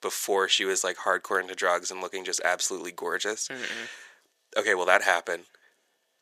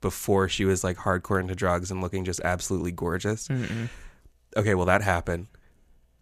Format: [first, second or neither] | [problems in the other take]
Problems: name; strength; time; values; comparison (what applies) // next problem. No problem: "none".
second | thin; very; fading below 400 Hz